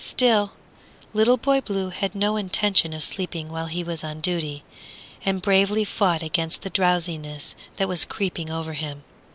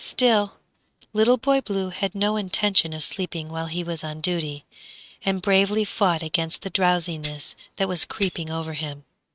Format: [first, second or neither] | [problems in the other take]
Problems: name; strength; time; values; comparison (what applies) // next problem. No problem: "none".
first | noise reduction (neural mask model RNNoise)